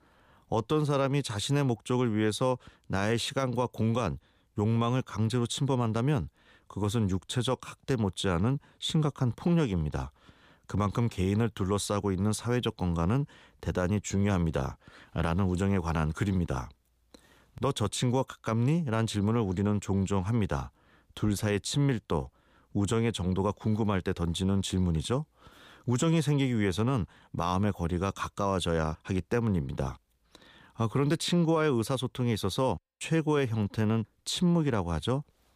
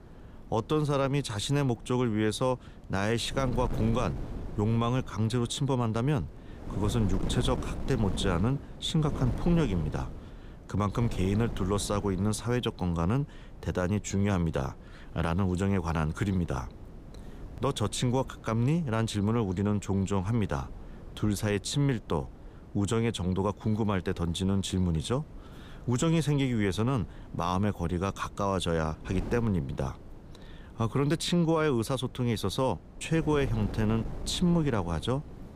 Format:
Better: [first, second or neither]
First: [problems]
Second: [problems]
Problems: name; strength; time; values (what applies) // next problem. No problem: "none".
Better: first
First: none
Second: wind noise on the microphone; occasional gusts; 15 dB below the speech